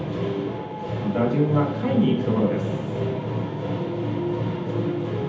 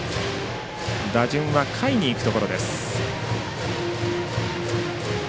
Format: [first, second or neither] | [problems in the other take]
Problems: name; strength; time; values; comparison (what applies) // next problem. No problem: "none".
second | room echo; dies away in 0.8 s